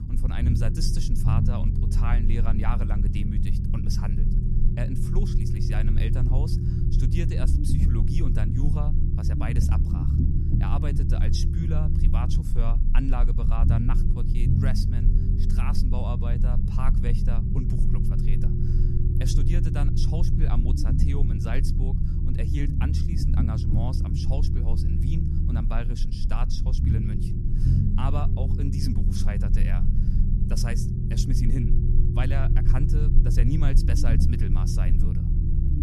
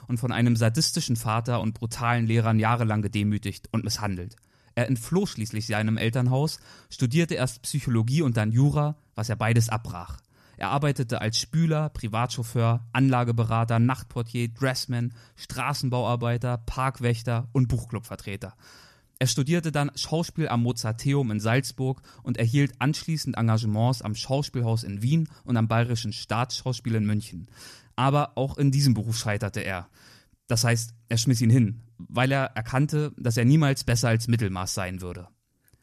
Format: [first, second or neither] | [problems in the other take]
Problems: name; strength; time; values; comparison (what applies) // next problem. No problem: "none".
second | low rumble; loud; throughout; as loud as the speech